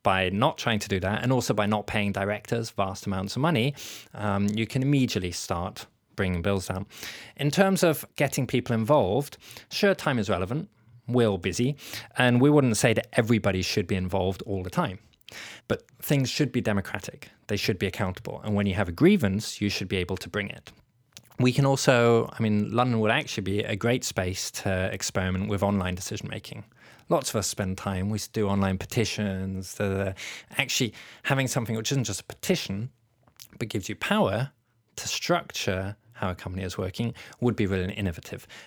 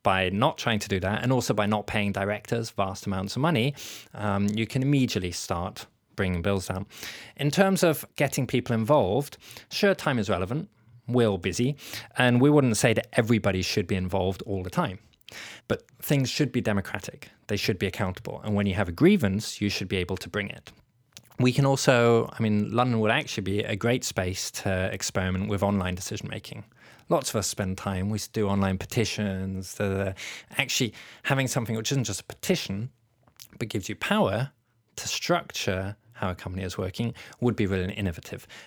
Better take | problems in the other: neither | none

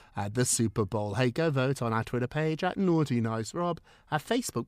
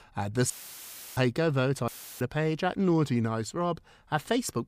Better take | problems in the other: first | audio cutting out; filled with static; at 0.5 s for 0.5 s and at 2 s

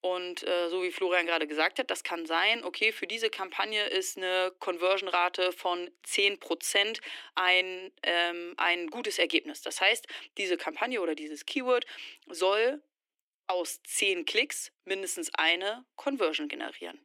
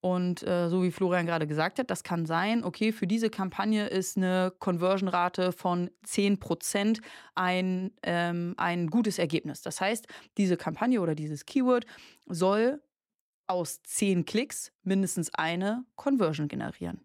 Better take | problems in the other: second | thin; very; fading below 300 Hz

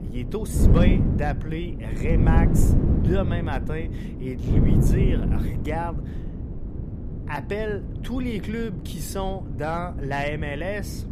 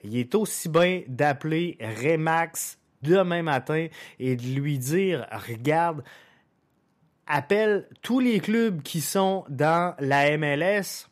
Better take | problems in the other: second | wind noise on the microphone; heavy; 4 dB below the speech

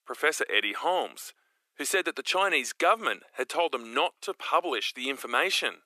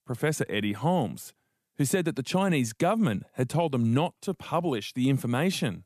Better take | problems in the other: second | thin; very; fading below 350 Hz

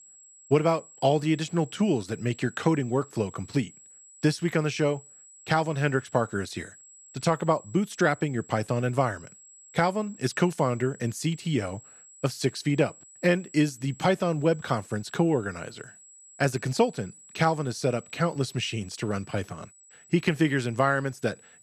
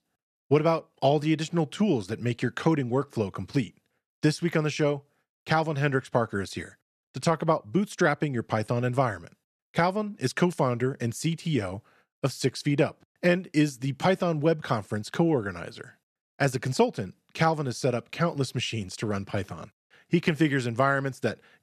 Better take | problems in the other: second | high-pitched whine; faint; throughout; 7.5 kHz, 20 dB below the speech

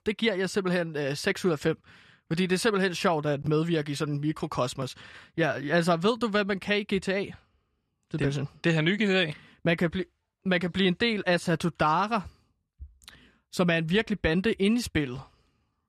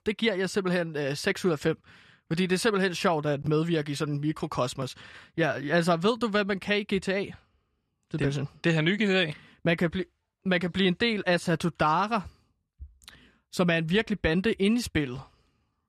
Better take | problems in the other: neither | none

